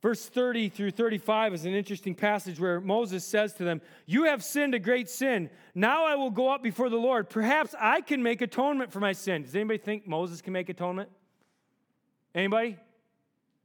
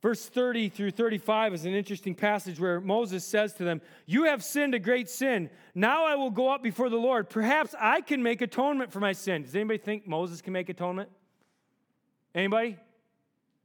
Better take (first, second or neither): neither